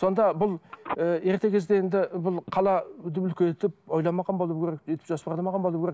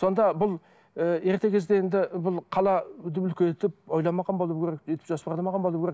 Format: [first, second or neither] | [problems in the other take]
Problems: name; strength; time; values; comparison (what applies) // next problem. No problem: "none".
second | background sound (Telephone); 16 dB below the speech